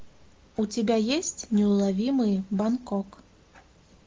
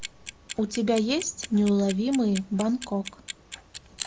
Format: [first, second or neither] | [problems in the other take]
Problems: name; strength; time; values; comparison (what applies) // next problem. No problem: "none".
first | background sound (Clock); 14 dB below the speech